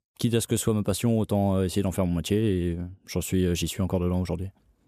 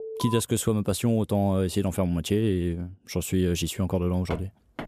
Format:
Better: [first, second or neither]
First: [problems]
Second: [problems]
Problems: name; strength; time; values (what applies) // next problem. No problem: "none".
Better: first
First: none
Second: alarm; noticeable; at the start; peak 8 dB below the speech // footsteps; faint; at 4.5 s; peak 15 dB below the speech